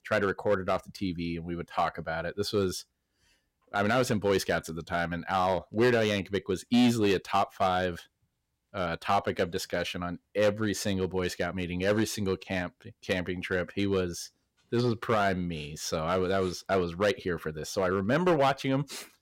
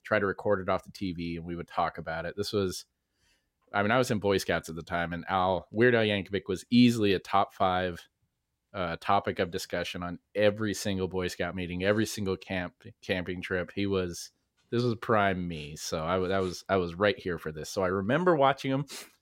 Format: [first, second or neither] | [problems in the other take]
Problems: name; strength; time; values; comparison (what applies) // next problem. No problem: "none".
second | distortion; slight; 3% of the sound clipped